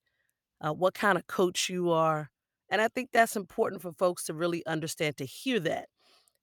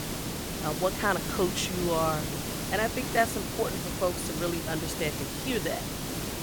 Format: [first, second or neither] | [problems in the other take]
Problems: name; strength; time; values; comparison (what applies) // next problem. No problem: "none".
first | hiss; loud; throughout; 2 dB below the speech